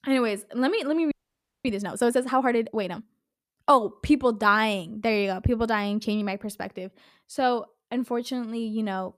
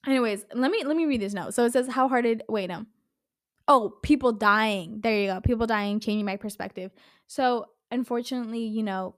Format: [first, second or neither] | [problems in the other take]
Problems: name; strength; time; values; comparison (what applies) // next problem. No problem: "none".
second | audio freezing; at 1 s for 0.5 s